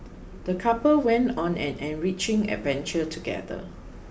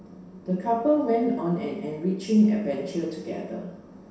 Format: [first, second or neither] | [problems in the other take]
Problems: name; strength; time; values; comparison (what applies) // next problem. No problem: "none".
first | room echo; dies away in 0.7 s